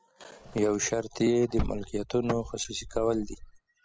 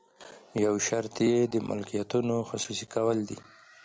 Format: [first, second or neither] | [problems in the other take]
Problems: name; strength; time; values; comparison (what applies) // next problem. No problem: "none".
second | noise reduction (classical method spectral subtraction)